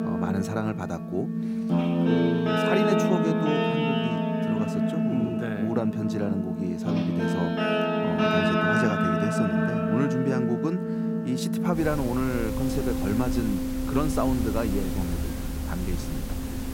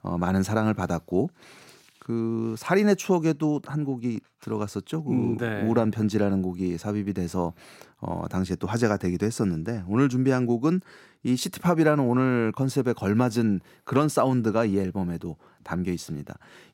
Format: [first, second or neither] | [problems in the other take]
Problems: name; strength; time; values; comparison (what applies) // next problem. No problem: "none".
second | background music; very loud; throughout; 4 dB above the speech